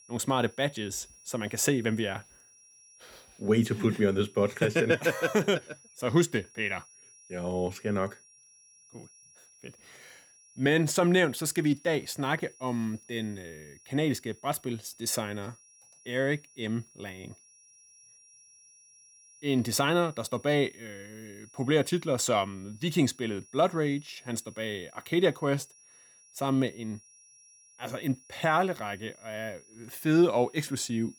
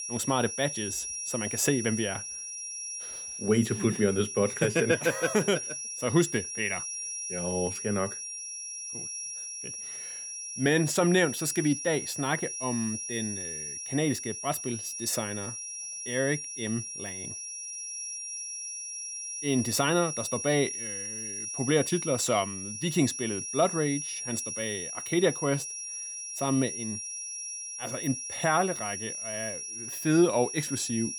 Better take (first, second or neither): first